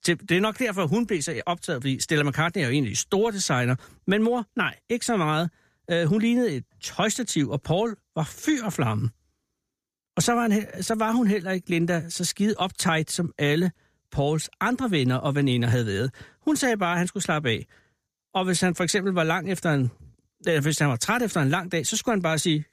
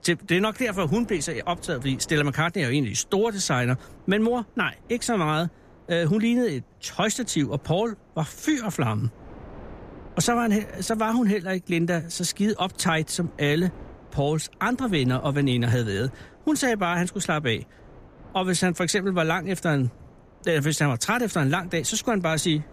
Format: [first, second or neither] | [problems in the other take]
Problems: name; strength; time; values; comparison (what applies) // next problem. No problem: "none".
first | wind noise on the microphone; occasional gusts; 25 dB below the speech